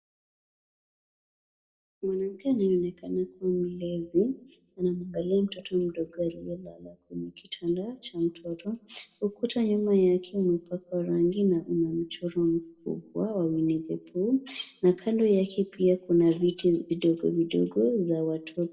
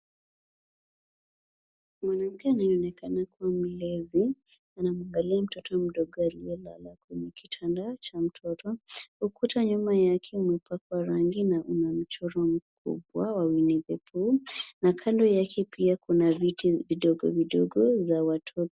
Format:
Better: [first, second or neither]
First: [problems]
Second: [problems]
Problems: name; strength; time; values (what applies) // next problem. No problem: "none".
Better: second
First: room echo; dies away in 0.4 s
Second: none